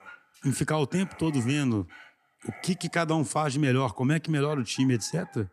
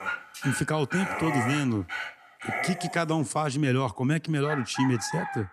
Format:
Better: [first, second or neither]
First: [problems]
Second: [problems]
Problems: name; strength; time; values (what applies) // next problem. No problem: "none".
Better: first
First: animal sounds; faint; throughout; 20 dB below the speech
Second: animal sounds; loud; throughout; 6 dB below the speech